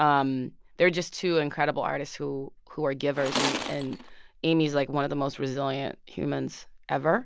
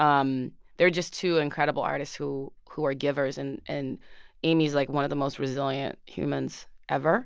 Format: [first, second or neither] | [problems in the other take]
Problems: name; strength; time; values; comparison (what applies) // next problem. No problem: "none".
second | background sound (Tools); 4 dB below the speech